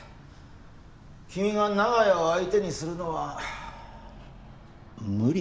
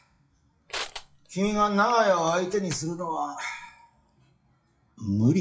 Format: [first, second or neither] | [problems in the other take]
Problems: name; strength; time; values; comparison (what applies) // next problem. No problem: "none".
first | noise reduction (classical method WPE with log-MMSE)